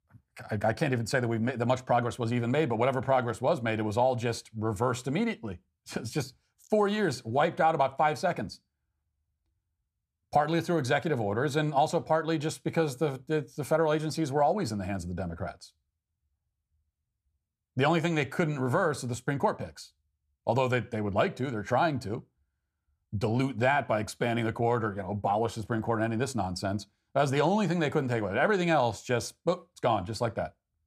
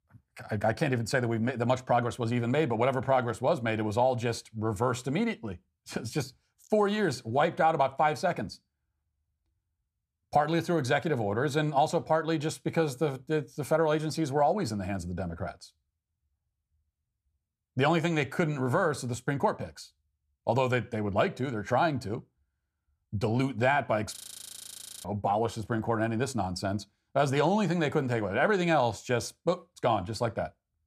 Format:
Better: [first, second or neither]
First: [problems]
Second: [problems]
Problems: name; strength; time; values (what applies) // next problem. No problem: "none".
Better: first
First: none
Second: audio freezing; at 24 s for 1 s